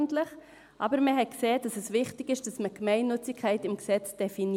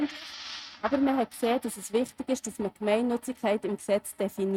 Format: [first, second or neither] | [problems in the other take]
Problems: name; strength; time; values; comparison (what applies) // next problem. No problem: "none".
first | noise reduction (neural mask model RNNoise)